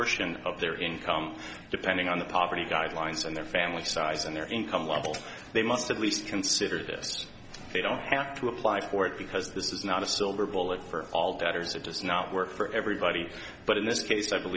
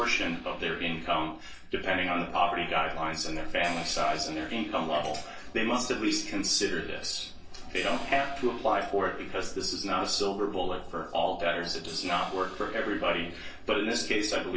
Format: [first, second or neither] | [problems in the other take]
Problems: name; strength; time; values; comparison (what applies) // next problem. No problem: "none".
first | noise reduction (neural separator model SepFormer DNS4)